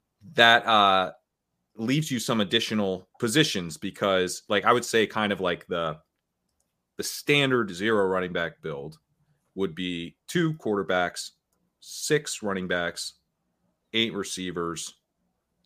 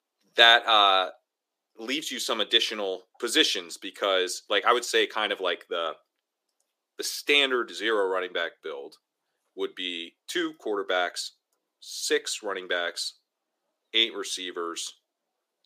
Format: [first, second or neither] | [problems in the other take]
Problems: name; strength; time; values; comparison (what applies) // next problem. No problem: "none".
first | thin; somewhat; fading below 300 Hz